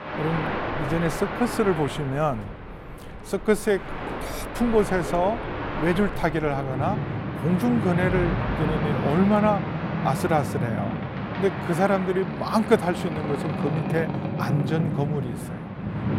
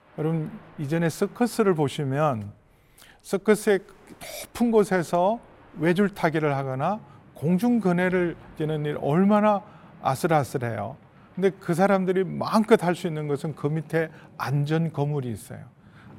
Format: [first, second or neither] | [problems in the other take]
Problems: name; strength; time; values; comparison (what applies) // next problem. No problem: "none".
second | train or aircraft noise; loud; throughout; 4 dB below the speech; faint in the second